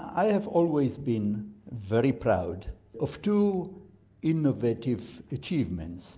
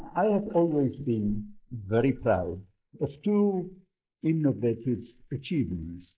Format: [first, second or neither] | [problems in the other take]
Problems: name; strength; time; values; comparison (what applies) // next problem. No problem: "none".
first | noise reduction (neural mask model Resemble Enhance denoiser)